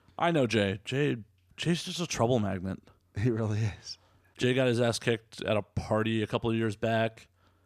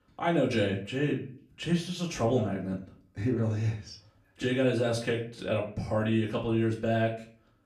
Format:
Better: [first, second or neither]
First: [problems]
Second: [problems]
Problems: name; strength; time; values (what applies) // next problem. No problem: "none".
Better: first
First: none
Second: room echo; slight; dies away in 0.4 s // off-mic speech; far